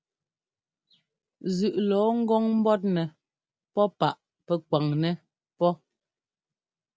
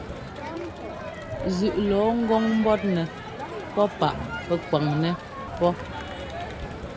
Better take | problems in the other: first | background sound (Crowd); 8 dB below the speech

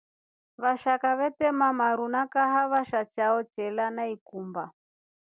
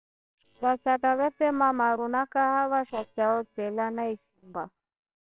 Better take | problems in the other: first | noise reduction (neural separator model SepFormer WHAMR!)

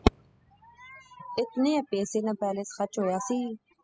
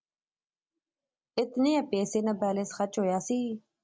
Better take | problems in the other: second | noise reduction (classical method spectral subtraction)

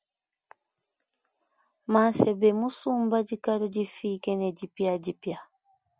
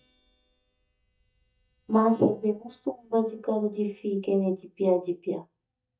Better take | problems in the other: first | noise reduction (neural mask model DeepFilterNet 3)

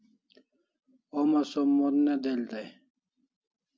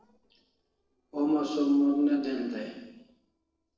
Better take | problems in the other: first | noise reduction (neural separator model SepFormer DNS4)

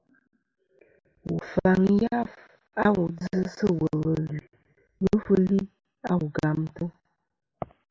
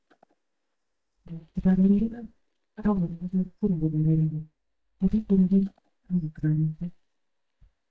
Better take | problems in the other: first | noise reduction (neural mask model DeepFilterNet 3)

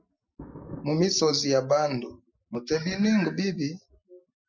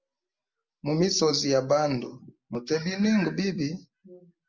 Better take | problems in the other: second | noise reduction (classical method Wiener filter)

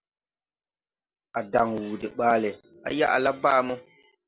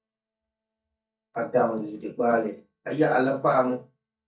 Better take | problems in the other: first | noise reduction (neural mask model DeepFilterNet 3)

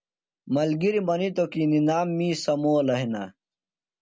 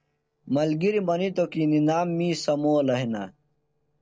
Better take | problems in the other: first | noise reduction (neural separator model SepFormer DNS4)

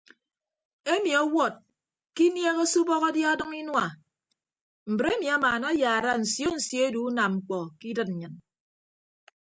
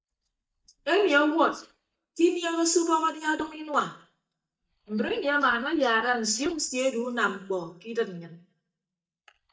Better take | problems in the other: first | noise reduction (neural mask model DeepFilterNet 3)

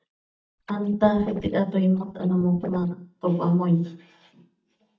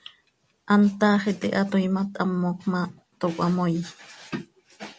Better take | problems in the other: second | noise reduction (neural mask model DeepFilterNet 3)

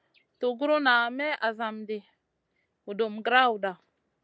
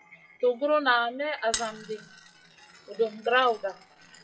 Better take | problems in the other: first | noise reduction (classical method WPE with log-MMSE)

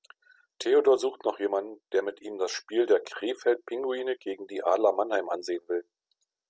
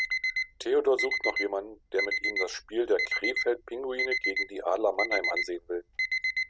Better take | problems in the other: first | background sound (Alarm); 1 dB below the speech

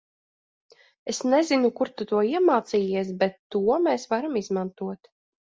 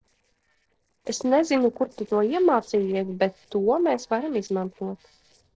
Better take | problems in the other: first | noise reduction (neural separator model SepFormer DNS4)

